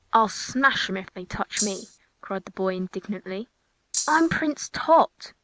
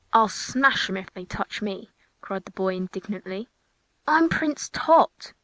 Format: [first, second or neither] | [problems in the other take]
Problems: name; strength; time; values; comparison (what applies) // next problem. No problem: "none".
second | background sound (Rattle (instrument)); 5 dB below the speech